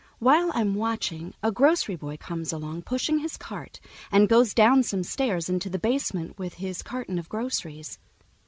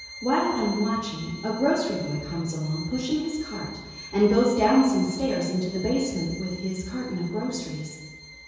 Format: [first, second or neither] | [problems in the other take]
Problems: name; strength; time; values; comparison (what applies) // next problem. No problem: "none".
first | background sound (Bowed string instrument); 16 dB below the speech // room echo; dies away in 1.2 s